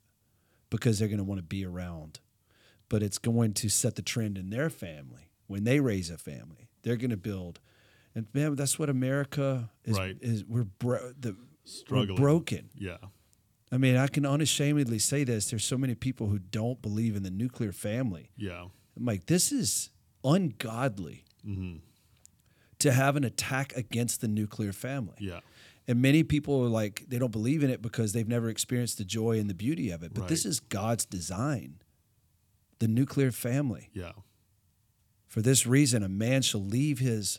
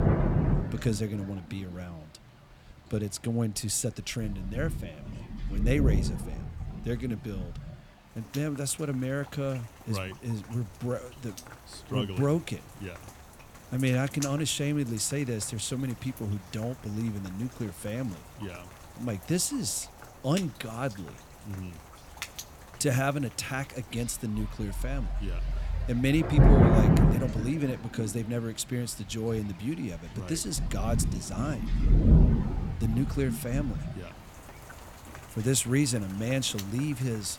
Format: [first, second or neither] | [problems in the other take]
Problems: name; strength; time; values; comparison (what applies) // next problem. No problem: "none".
first | rain or running water; very loud; throughout; 2 dB above the speech